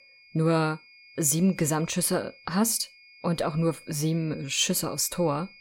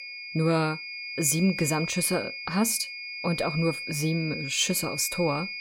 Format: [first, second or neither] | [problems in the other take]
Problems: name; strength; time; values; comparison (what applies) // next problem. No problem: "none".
first | high-pitched whine; loud; throughout; 2.5 kHz, 7 dB below the speech; faint in the first